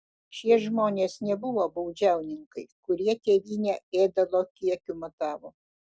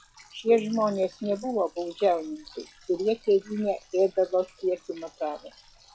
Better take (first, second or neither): first